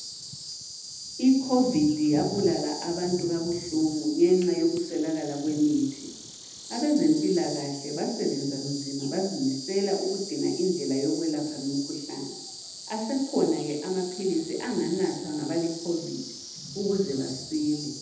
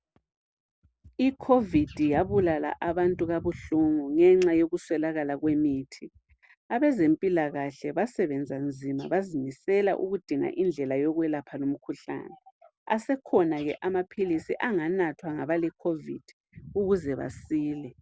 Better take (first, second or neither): second